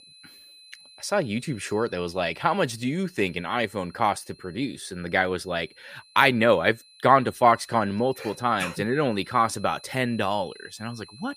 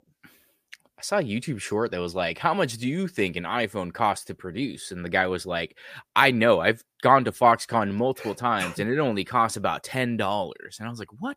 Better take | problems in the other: second | high-pitched whine; faint; throughout; 4 kHz, 25 dB below the speech

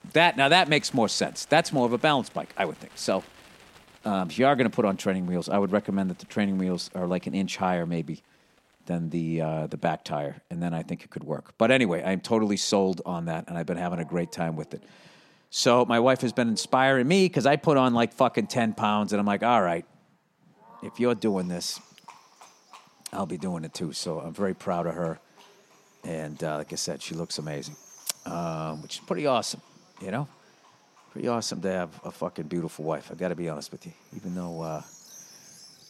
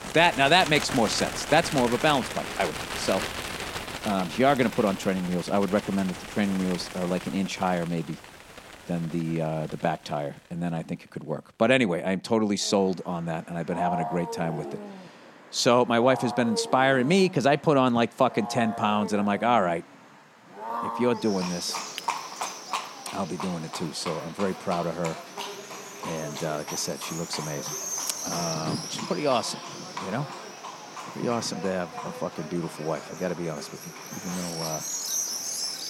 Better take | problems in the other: first | animal sounds; loud; throughout; 8 dB below the speech; faint in the first

